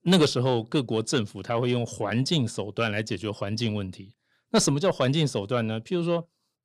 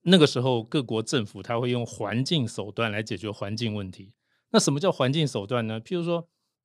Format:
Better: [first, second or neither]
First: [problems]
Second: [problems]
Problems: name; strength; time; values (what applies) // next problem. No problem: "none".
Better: second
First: distortion; slight; 10 dB below the speech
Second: none